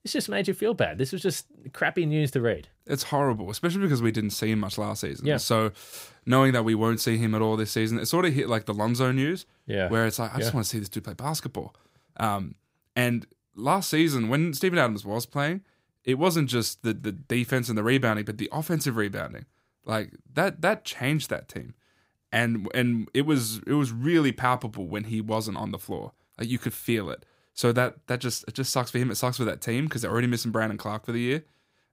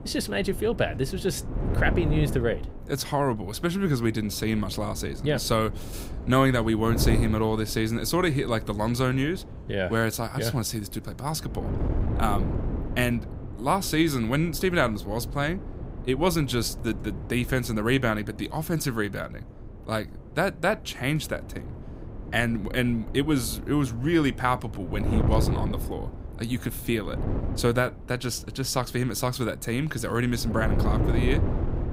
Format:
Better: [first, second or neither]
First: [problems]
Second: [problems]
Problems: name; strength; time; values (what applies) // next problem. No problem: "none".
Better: first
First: none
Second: wind noise on the microphone; occasional gusts; 10 dB below the speech